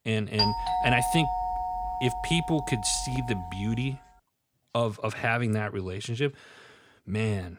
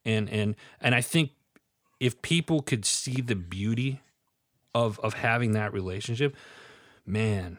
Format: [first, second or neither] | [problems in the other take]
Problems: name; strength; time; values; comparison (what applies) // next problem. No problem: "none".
second | doorbell; loud; until 3.5 s; peak 3 dB above the speech